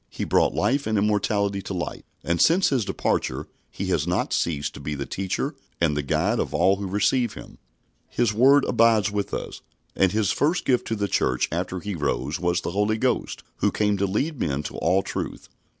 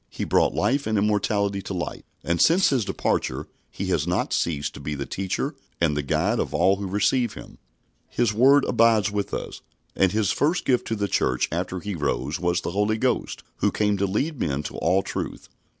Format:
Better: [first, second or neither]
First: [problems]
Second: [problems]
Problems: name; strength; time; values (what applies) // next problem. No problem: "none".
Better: first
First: none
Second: background sound (Rattle (instrument)); 11 dB below the speech